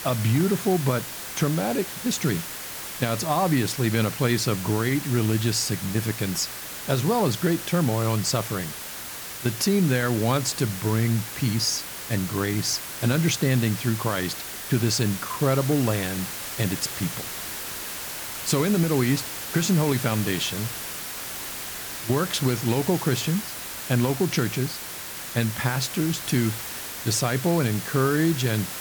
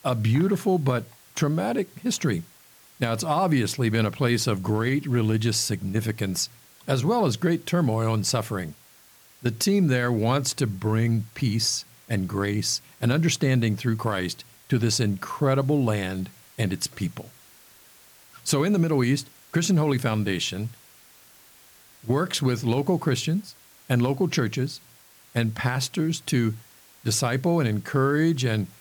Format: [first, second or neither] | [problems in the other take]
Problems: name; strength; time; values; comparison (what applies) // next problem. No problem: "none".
second | hiss; loud; throughout; 7 dB below the speech; faint in the second